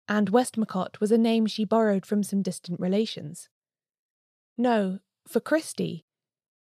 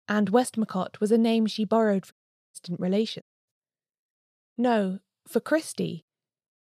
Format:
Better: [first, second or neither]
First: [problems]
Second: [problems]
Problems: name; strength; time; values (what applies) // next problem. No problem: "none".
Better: first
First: none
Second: audio cutting out; at 2 s and at 3 s